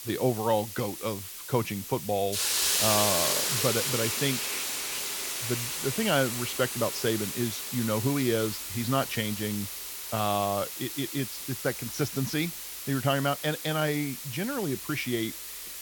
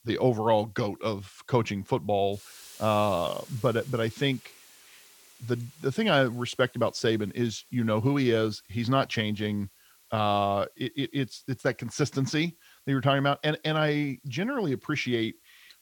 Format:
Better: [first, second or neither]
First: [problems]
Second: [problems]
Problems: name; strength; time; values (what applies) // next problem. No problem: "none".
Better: second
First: hiss; loud; throughout; 1 dB below the speech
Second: hiss; faint; throughout; 25 dB below the speech